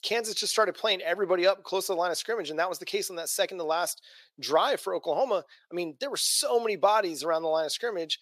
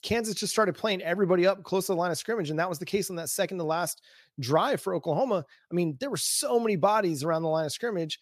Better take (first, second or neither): second